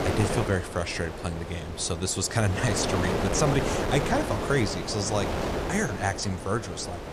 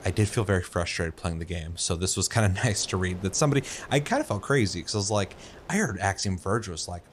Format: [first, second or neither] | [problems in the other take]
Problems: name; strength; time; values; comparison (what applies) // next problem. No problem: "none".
second | wind noise on the microphone; heavy; 2 dB below the speech; occasional gusts in the second